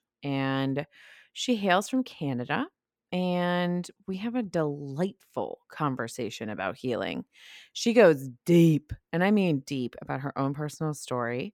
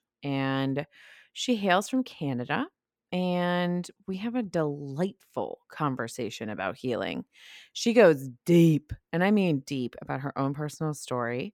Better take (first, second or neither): neither